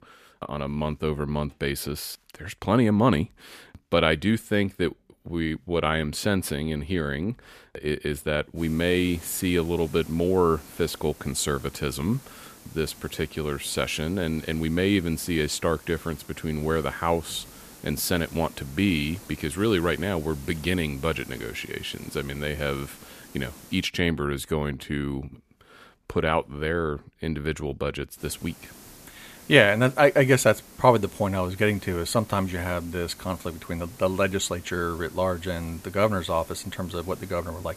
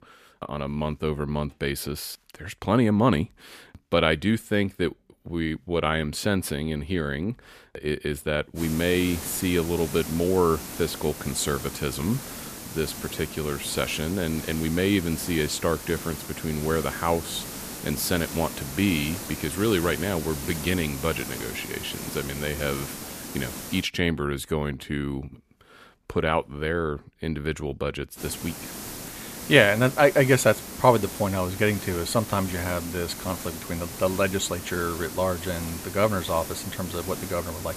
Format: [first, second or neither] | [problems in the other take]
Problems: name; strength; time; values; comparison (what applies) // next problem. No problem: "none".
first | hiss; loud; from 8.5 to 24 s and from 28 s on; 9 dB below the speech; faint in the first